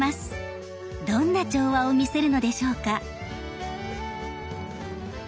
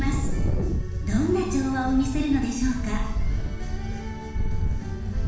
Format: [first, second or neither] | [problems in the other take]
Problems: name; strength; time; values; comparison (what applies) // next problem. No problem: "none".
first | background sound (Wind); 1 dB above the speech // room echo; dies away in 1.1 s